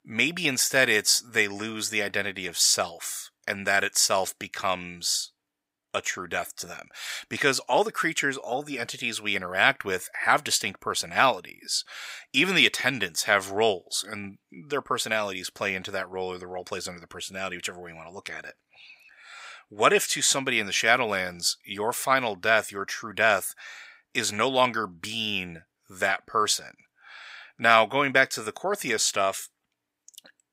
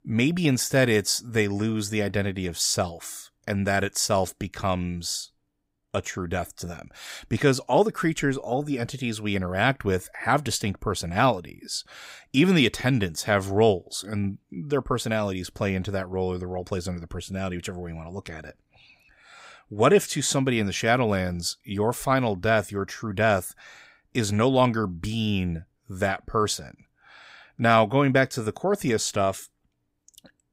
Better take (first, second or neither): second